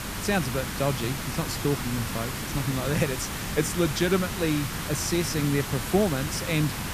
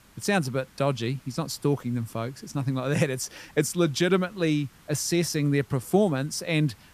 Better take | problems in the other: second | hiss; loud; throughout; 4 dB below the speech; faint in the second

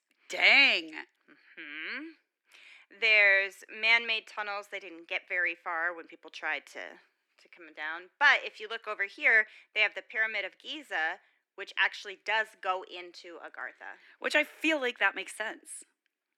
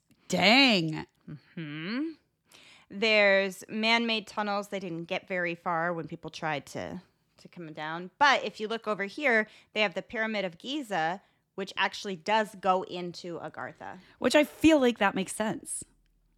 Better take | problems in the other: second | thin; very; fading below 300 Hz

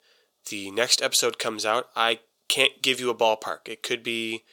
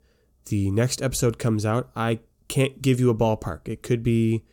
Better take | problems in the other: second | thin; very; fading below 650 Hz

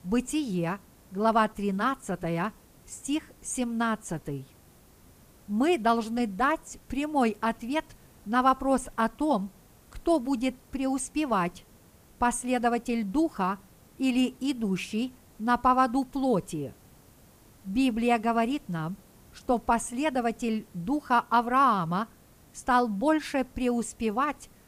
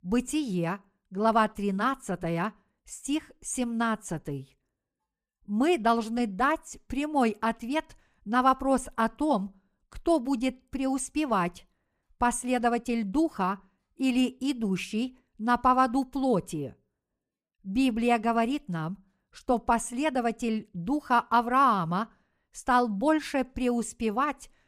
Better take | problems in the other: second | hiss; faint; throughout; 30 dB below the speech

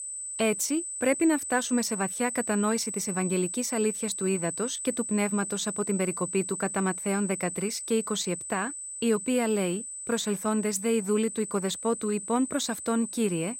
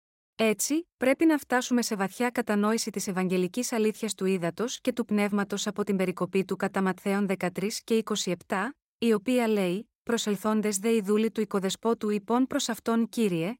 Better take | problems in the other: second | high-pitched whine; loud; throughout; 8 kHz, 5 dB below the speech

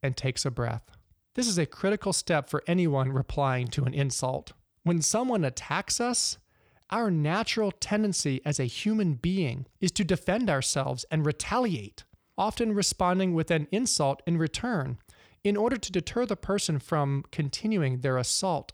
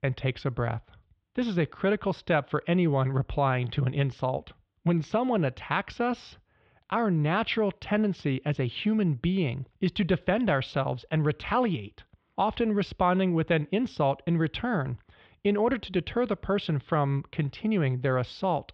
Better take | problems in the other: first | muffled; very; fading above 3.5 kHz

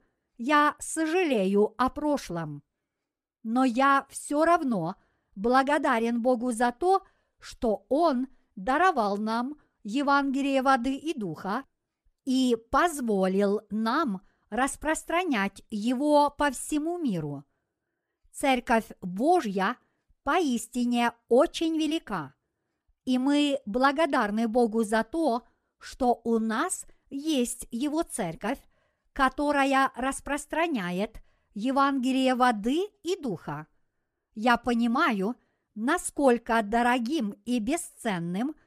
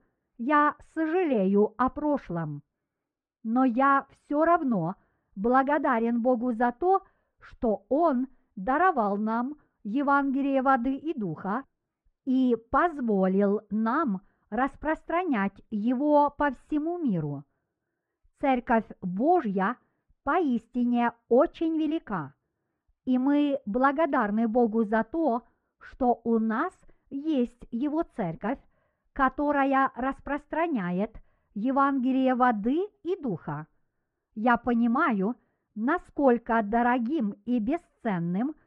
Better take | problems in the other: first | muffled; very; fading above 1.5 kHz

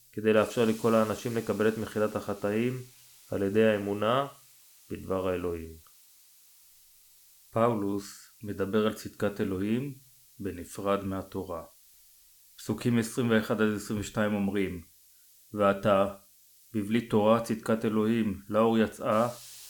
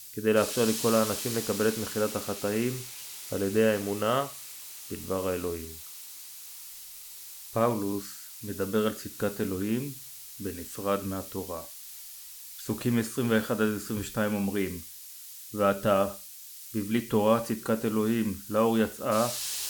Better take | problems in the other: first | hiss; loud; throughout; 10 dB below the speech; faint in the first

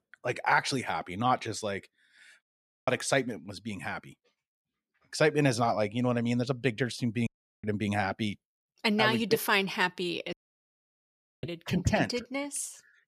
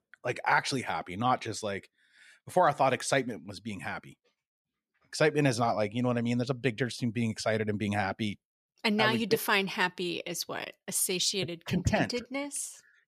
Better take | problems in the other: second | audio cutting out; at 2.5 s, at 7.5 s and at 10 s for 1 s

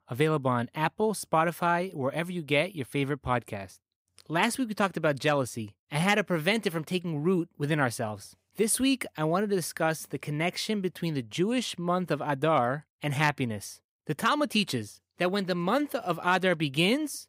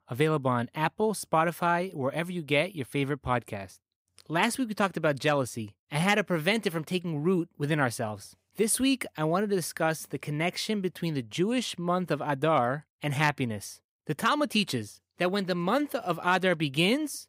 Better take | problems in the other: neither | none

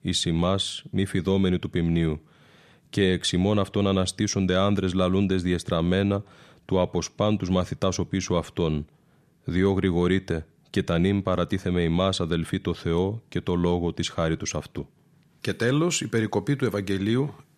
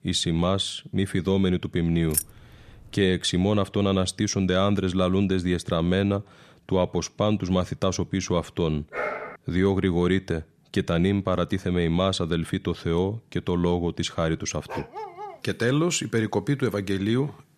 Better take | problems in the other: first | jangling keys; noticeable; at 2 s; peak 2 dB below the speech // dog barking; noticeable; at 9 s; peak 5 dB below the speech // dog barking; faint; at 15 s; peak 10 dB below the speech

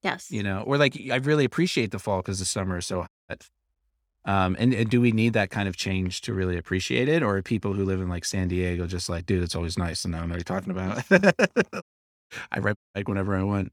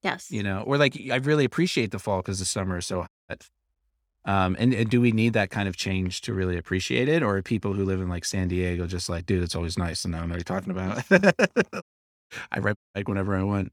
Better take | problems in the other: neither | audio cutting out; at 3 s, at 12 s and at 13 s; the same in both

